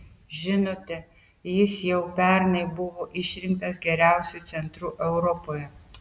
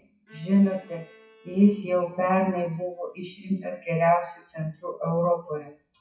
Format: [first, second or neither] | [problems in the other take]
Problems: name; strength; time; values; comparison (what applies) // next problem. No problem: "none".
first | noise reduction (classical method WPE with log-MMSE)